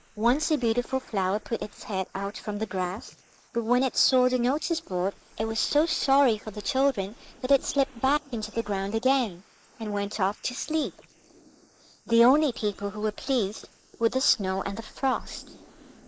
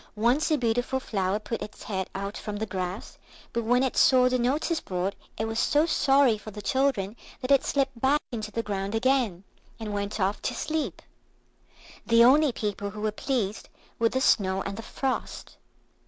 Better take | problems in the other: second | noise reduction (neural mask model Resemble Enhance denoiser)

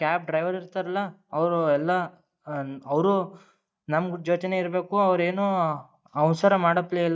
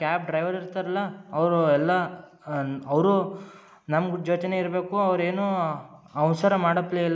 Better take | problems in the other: second | noise reduction (neural mask model DeepFilterNet 3)

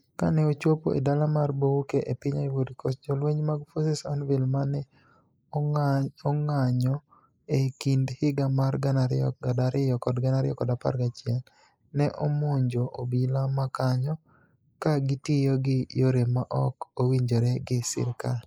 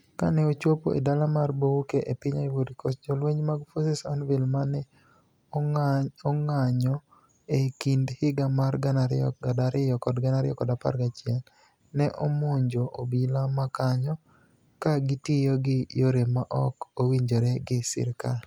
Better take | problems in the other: second | noise reduction (neural mask model Resemble Enhance denoiser)

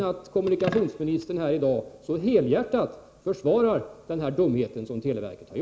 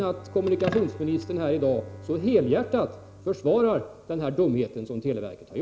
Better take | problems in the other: first | background sound (Bowed string instrument); 19 dB below the speech

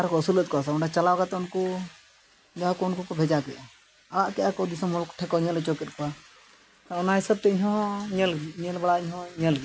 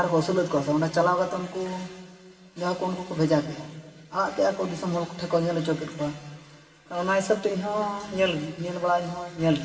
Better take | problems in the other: first | room echo; dies away in 2.7 s

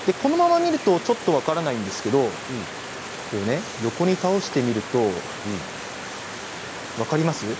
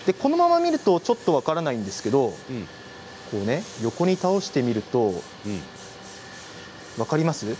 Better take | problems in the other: second | background sound (Stream); 11 dB below the speech

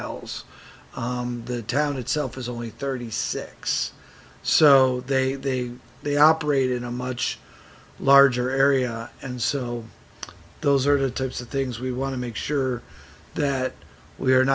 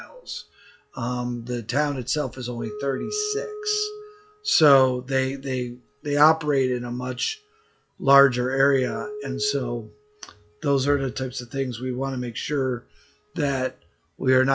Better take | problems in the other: first | noise reduction (classical method log-MMSE)

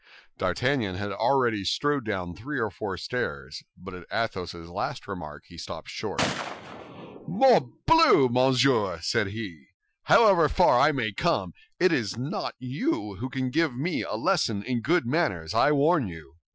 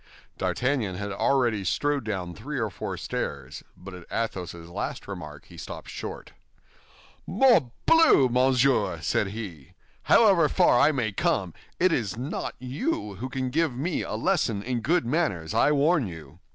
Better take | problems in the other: second | noise reduction (classical method Wiener filter)

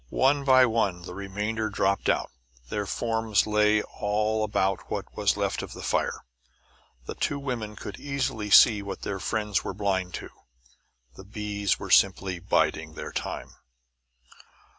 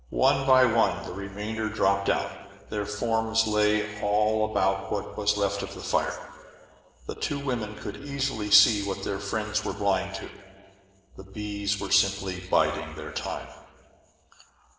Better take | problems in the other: first | noise reduction (neural separator model SepFormer DNS4)

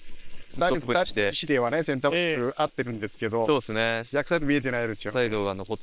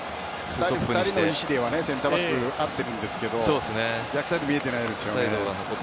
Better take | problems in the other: second | noise reduction (neural separator model SepFormer WHAM!)

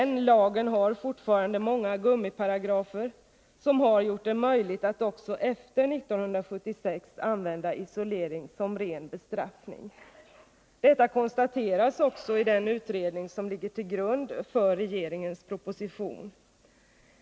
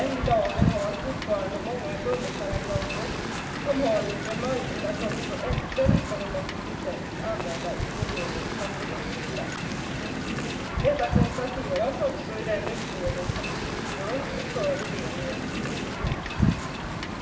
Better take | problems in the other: first | background sound (Wind); 2 dB above the speech // room echo; dies away in 0.9 s

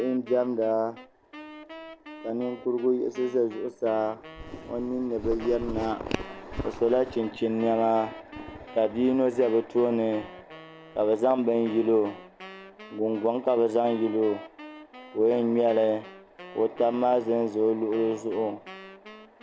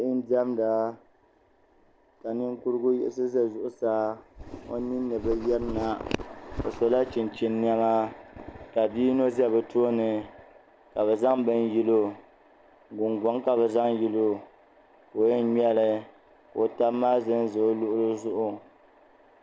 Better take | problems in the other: second | background sound (Wind instrument, woodwind instrument); 20 dB below the speech

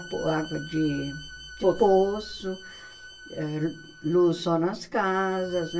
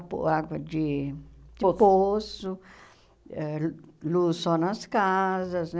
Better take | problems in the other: second | background sound (Bowed string instrument); 18 dB below the speech // room echo; dies away in 0.1 s

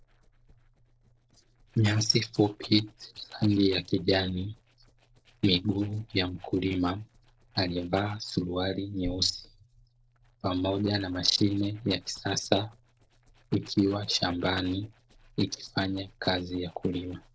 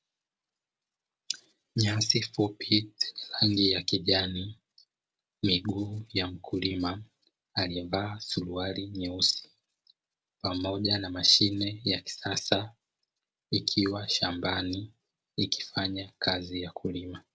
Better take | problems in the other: second | noise reduction (neural separator model SepFormer DNS4)

